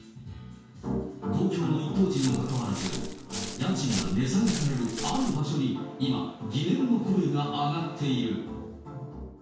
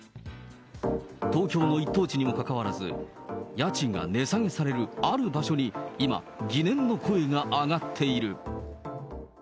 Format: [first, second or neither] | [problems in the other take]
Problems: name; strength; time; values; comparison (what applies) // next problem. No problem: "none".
second | background sound (Walk, footsteps); 9 dB below the speech // room echo; dies away in 0.6 s